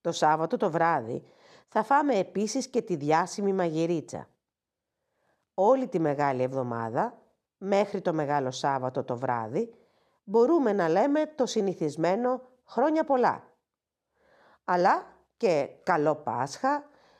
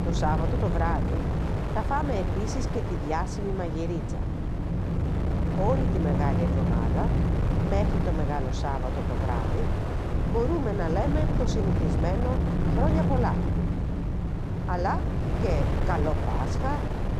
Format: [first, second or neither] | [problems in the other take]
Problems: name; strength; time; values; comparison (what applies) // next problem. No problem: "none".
first | wind noise on the microphone; heavy; 3 dB below the speech